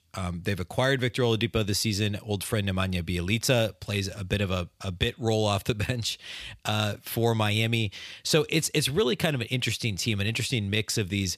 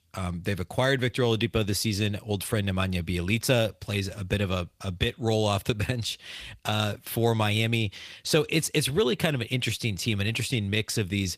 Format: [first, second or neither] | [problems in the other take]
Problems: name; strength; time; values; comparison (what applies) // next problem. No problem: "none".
first | garbled, watery; slightly; nothing above 15 kHz